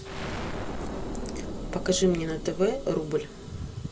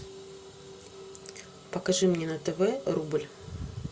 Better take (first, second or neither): second